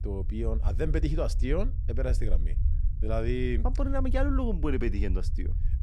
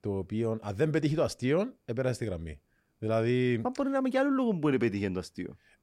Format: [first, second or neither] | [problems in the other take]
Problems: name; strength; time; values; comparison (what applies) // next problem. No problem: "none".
second | low rumble; noticeable; throughout; 15 dB below the speech